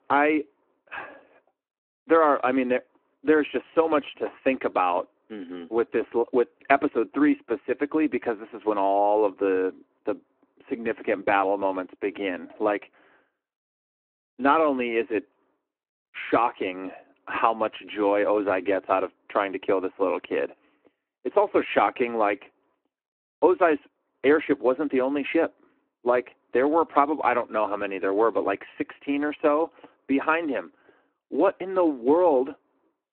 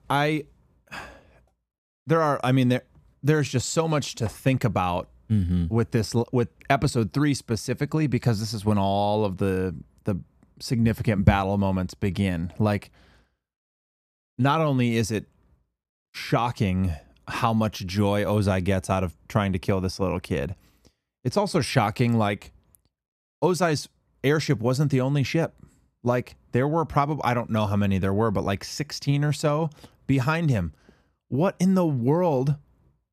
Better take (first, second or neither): second